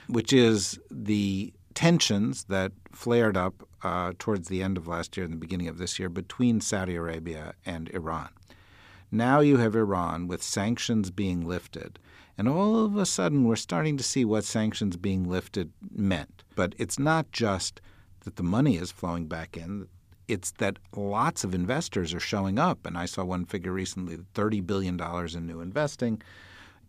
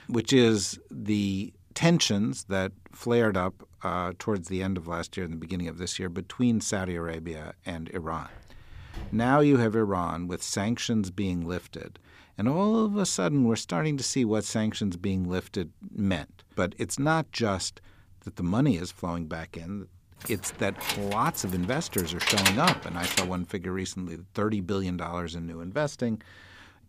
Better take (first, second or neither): first